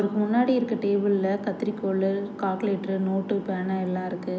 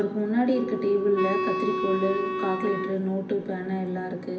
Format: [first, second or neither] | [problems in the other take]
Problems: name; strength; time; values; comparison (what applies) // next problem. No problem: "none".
first | background sound (Wind instrument, woodwind instrument); 3 dB below the speech // room echo; dies away in 0.7 s